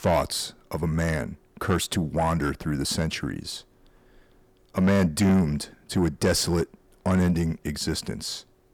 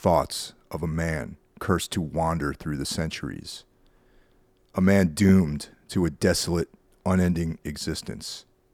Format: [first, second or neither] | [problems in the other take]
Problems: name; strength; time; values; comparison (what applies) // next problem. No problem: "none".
second | distortion; slight; 10 dB below the speech